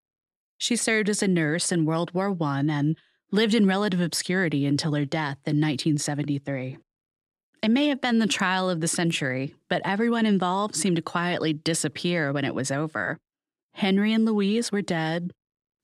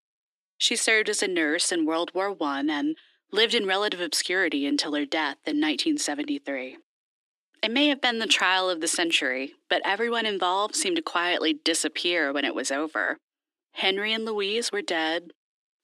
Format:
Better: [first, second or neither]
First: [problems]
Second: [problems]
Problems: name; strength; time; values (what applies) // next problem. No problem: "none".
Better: first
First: none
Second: thin; somewhat; fading below 300 Hz